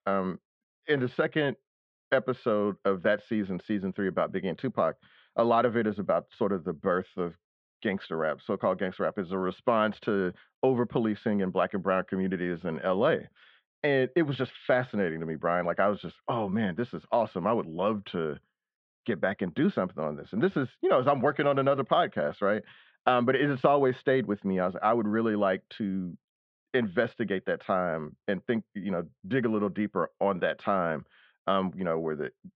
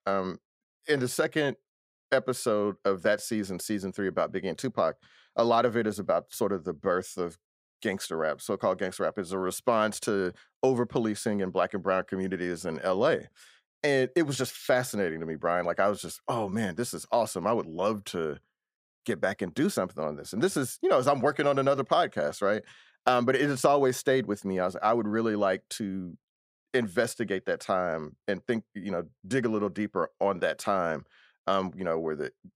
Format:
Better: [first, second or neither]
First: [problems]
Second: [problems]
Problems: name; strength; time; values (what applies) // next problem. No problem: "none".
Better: second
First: muffled; very; fading above 3.5 kHz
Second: none